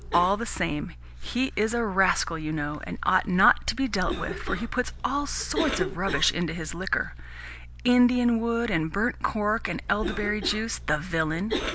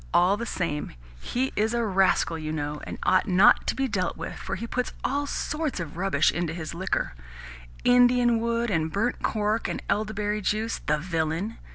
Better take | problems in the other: second | background sound (Cough); 11 dB below the speech

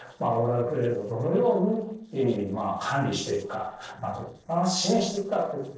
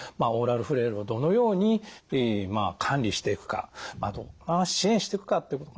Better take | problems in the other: second | noise reduction (neural separator model SepFormer DNS4)

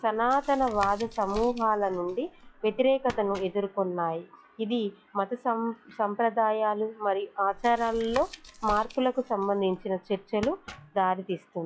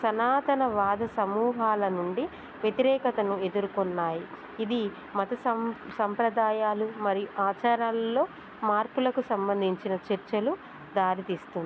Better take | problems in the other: second | noise reduction (classical method log-MMSE)

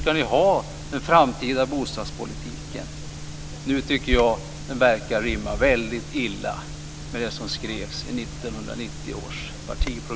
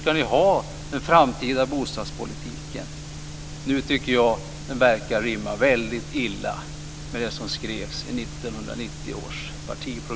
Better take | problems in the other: second | background sound (Bird vocalization, bird call, bird song); 11 dB below the speech

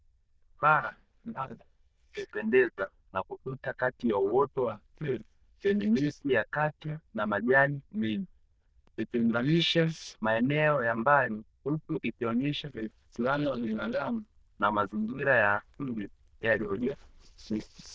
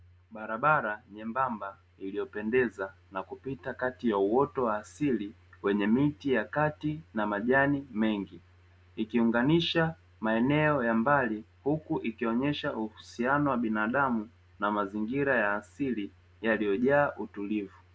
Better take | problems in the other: second | noise reduction (neural diffusion model UNIVERSE++)

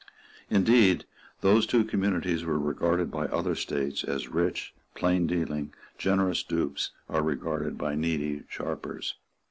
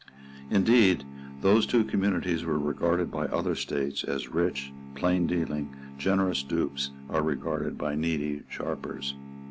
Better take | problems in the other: first | background sound (Bowed string instrument); 15 dB below the speech

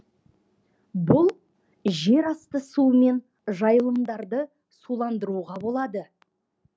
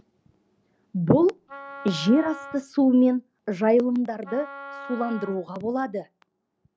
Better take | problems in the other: first | background sound (Wind instrument, woodwind instrument); 16 dB below the speech

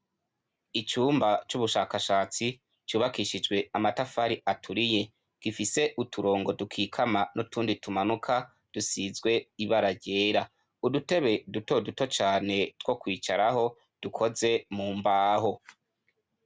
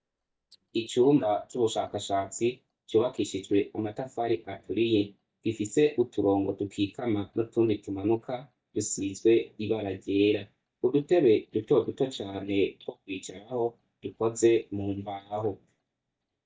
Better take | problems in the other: first | noise reduction (neural mask model DeepFilterNet 3)

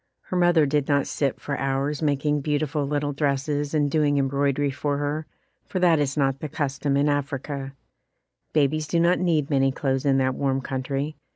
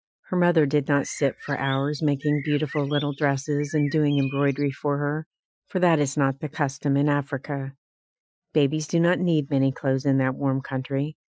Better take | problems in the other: first | noise reduction (classical method Wiener filter)

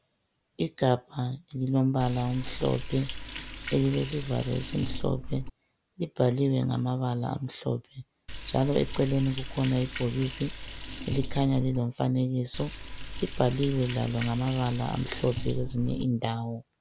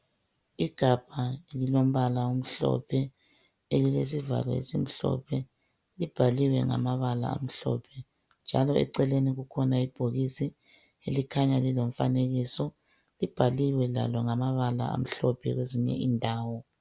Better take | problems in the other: second | background sound (Liquid); 7 dB below the speech

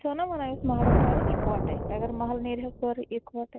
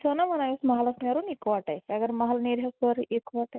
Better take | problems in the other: second | background sound (Thunder); 3 dB above the speech

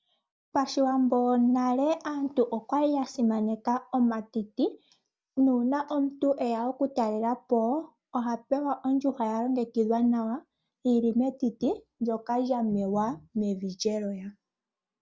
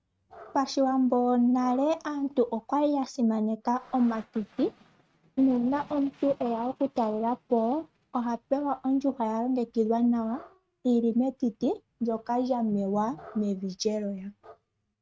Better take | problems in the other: first | noise reduction (neural mask model RNNoise)

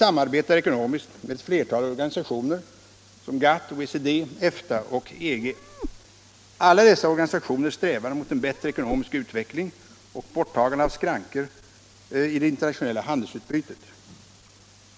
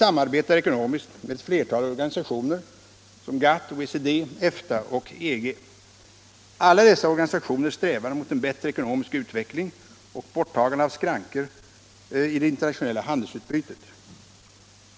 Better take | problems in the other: second | background sound (Meow); 14 dB below the speech

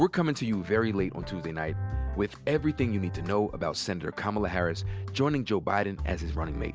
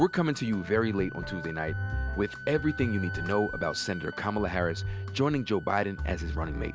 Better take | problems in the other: first | background sound (Wind instrument, woodwind instrument); 14 dB below the speech

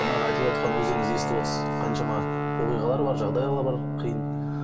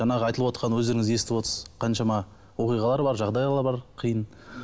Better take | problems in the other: second | background sound (Guitar); 2 dB above the speech // room echo; dies away in 2.3 s

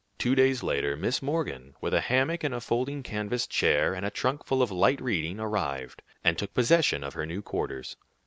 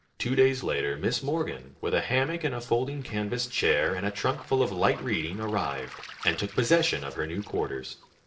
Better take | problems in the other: first | noise reduction (neural separator model SepFormer DNS4)

